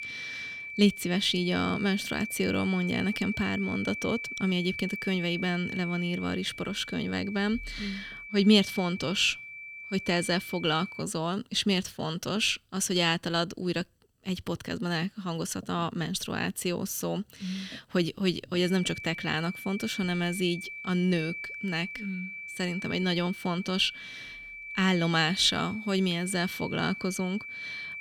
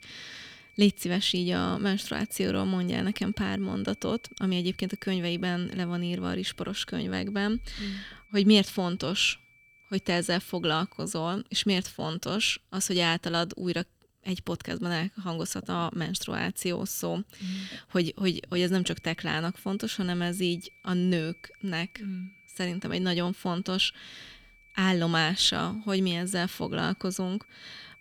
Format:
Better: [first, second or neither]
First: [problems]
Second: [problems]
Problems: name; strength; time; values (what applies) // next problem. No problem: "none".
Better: second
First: high-pitched whine; loud; until 11 s and from 19 s on; 2.5 kHz, 9 dB below the speech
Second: high-pitched whine; faint; until 11 s and from 19 s on; 2.5 kHz, 25 dB below the speech